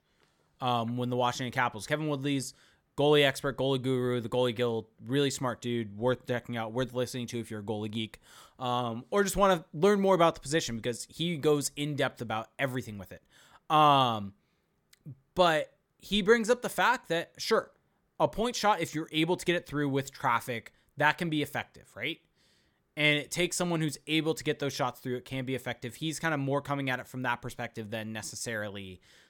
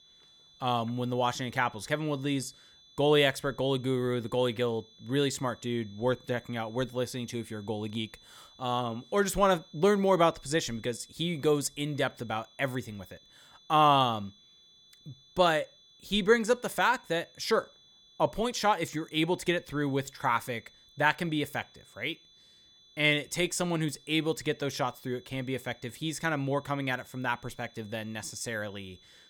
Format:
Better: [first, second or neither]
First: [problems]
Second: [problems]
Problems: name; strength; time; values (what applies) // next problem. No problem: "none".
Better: first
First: none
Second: high-pitched whine; faint; throughout; 3.5 kHz, 25 dB below the speech